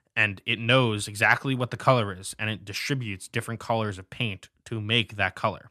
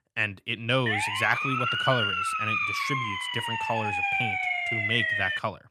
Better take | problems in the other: first | siren; loud; from 1 s on; peak 5 dB above the speech

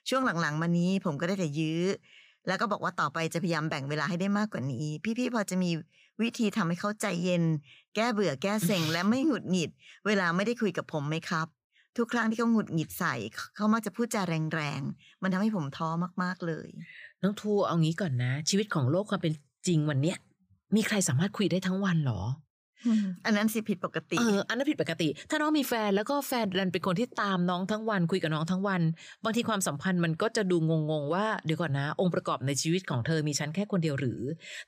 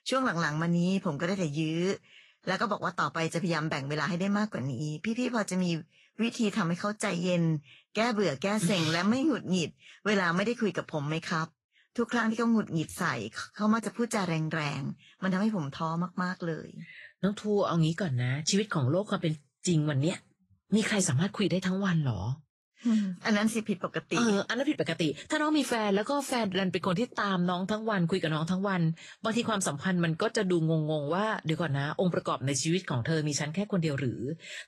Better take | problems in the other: first | garbled, watery; slightly; nothing above 11.5 kHz

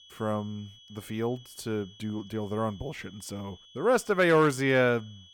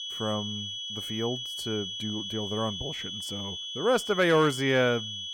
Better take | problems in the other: first | high-pitched whine; loud; throughout; 3.5 kHz, 5 dB below the speech; faint in the first

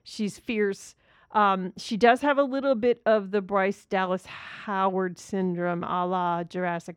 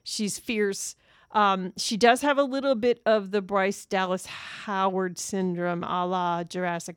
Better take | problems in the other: second | muffled; slightly; fading above 4 kHz

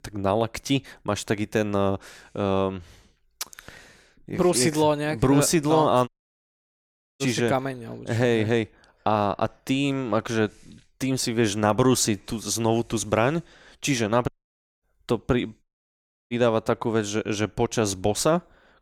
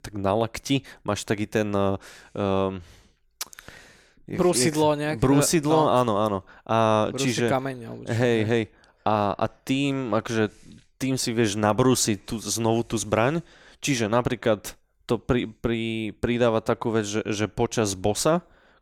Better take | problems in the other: second | audio cutting out; at 6 s for 1 s, at 14 s for 0.5 s and at 16 s for 0.5 s

